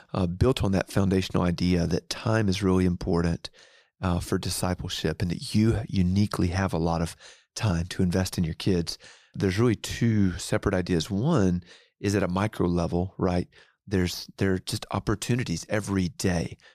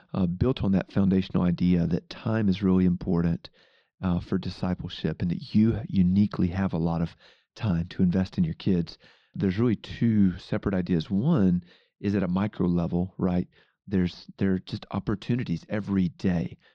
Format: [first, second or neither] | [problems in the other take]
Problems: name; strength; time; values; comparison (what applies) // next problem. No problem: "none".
first | muffled; very slightly; fading above 4 kHz